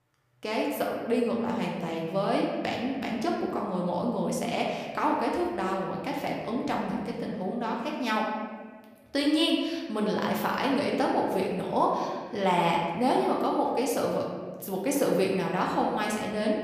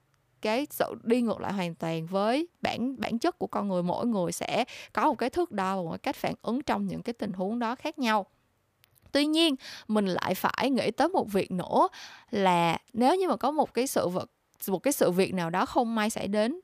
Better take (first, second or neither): second